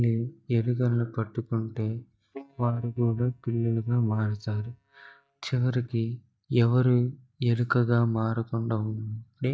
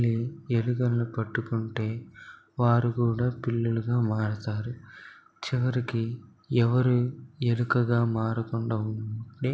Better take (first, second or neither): second